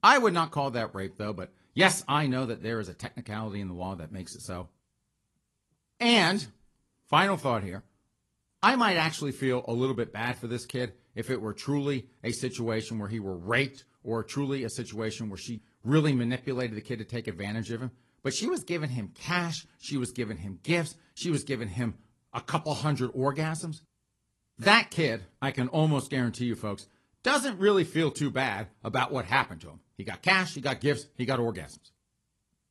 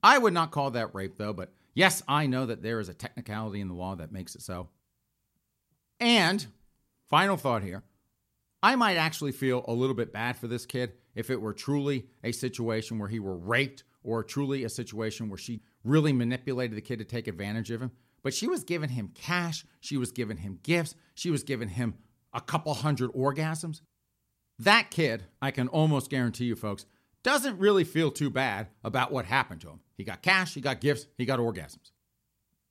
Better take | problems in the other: second | garbled, watery; slightly; nothing above 11 kHz

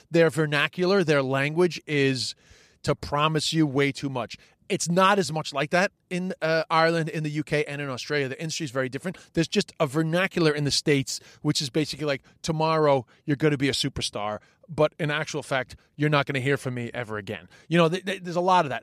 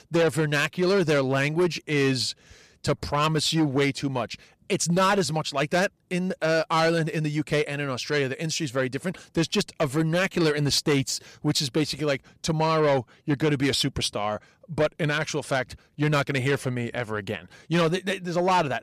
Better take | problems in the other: first | distortion; slight; 10 dB below the speech

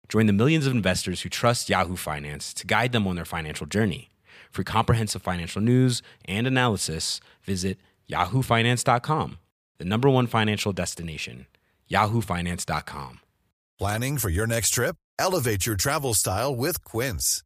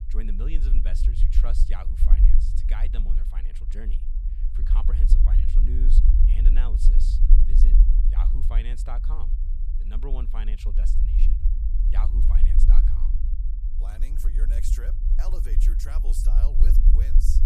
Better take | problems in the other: first | low rumble; loud; throughout; 2 dB below the speech

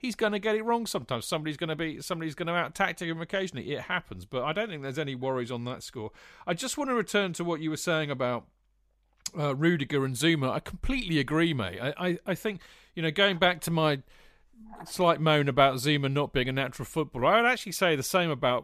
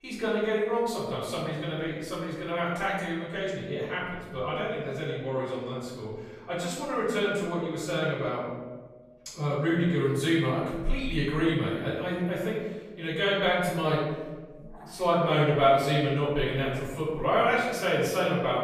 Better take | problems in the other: first | room echo; noticeable; dies away in 1.2 s // off-mic speech; far

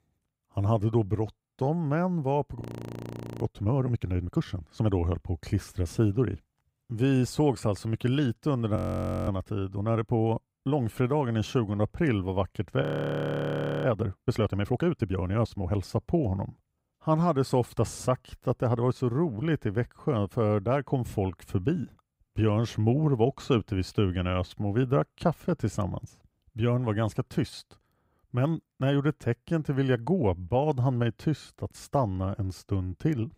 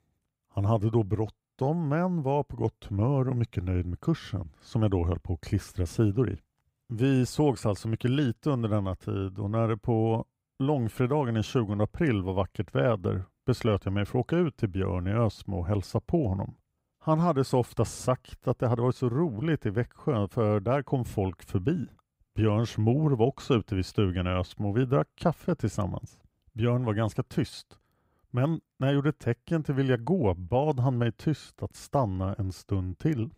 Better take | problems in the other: second | audio freezing; at 2.5 s for 1 s, at 9 s for 0.5 s and at 13 s for 1 s

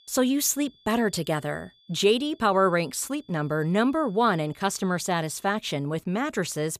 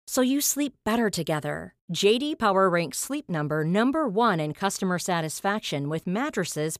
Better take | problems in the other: second | high-pitched whine; faint; until 5.5 s; 3.5 kHz, 30 dB below the speech

